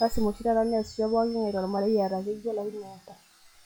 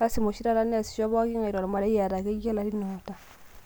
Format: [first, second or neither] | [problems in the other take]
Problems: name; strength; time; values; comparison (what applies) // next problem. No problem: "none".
second | noise reduction (classical method log-MMSE)